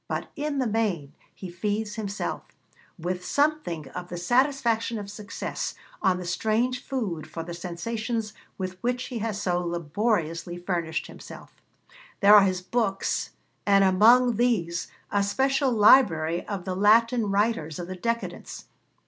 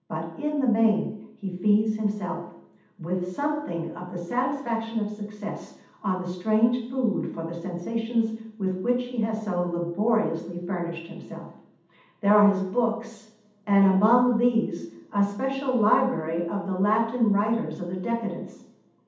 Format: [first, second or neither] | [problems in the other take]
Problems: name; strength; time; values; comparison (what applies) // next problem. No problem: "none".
first | room echo; dies away in 0.8 s